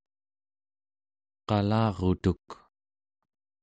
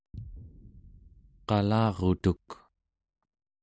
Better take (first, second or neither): first